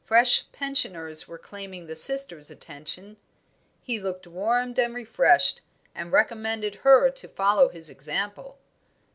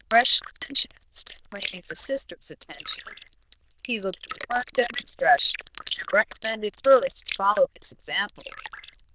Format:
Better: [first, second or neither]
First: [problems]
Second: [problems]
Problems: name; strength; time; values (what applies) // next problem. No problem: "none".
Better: first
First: none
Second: noise reduction (neural diffusion model UNIVERSE++)